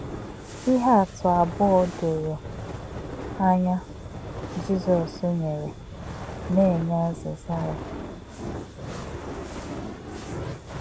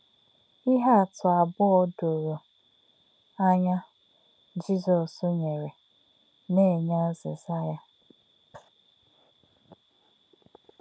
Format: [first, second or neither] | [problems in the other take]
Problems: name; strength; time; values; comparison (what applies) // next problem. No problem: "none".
second | background sound (Fire); 9 dB below the speech